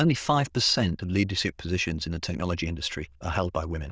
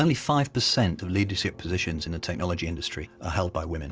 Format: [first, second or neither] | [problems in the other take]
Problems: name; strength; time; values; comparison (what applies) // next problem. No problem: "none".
second | noise reduction (neural diffusion model UNIVERSE++)